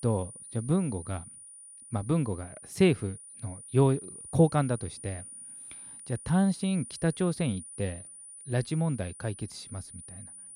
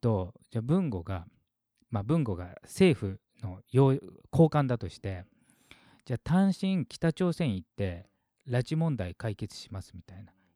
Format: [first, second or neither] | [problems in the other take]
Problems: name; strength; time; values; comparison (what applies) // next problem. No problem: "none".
second | high-pitched whine; noticeable; throughout; 9.5 kHz, 15 dB below the speech